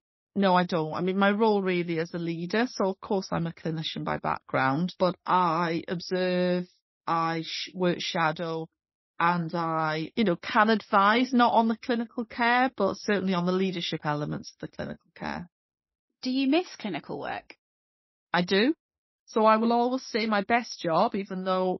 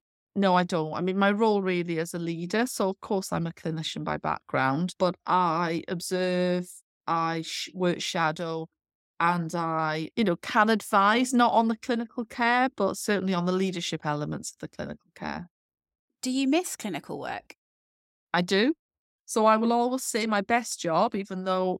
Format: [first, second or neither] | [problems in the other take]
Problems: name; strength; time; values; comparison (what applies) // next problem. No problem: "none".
second | garbled, watery; slightly; nothing above 5.5 kHz